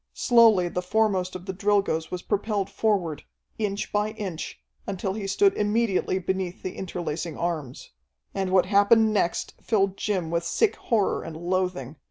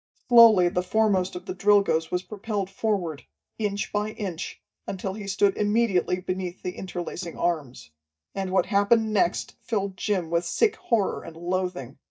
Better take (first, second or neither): first